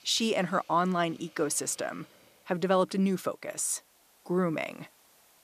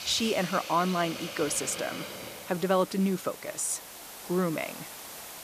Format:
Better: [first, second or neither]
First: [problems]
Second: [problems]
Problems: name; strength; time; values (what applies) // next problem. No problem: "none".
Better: first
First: hiss; faint; throughout; 30 dB below the speech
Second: hiss; loud; throughout; 10 dB below the speech